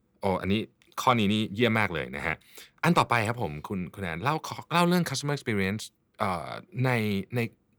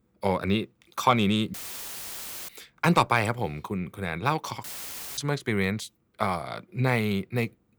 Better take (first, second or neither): first